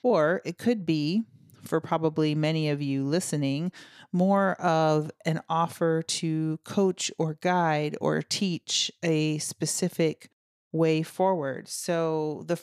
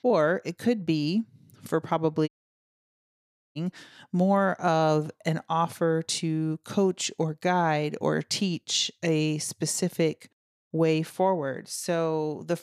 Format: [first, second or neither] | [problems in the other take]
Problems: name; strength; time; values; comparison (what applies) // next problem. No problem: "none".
first | audio cutting out; at 2.5 s for 1.5 s